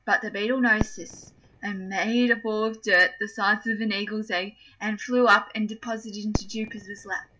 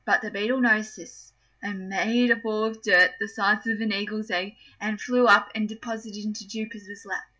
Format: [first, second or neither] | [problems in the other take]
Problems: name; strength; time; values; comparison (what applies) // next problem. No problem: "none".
second | background sound (Fireworks); 14 dB below the speech